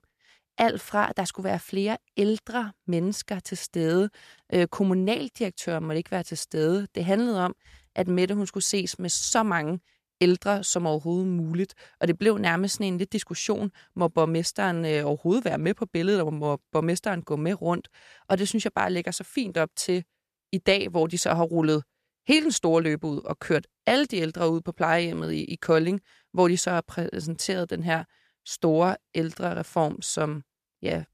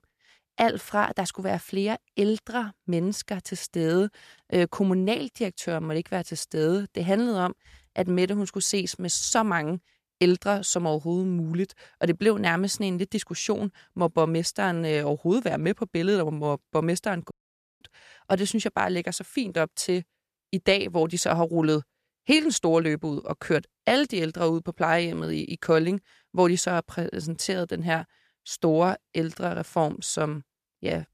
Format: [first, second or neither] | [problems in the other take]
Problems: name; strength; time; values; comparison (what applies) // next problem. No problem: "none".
first | audio cutting out; at 17 s for 0.5 s